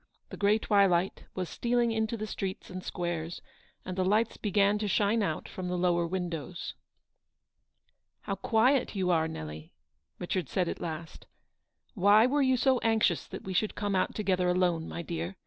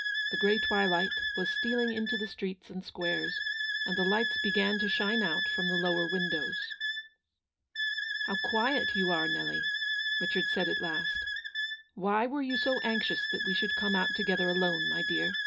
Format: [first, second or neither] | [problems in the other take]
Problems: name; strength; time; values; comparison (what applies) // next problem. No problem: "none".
first | background sound (Wind instrument, woodwind instrument); 1 dB above the speech // room echo; dies away in 0.3 s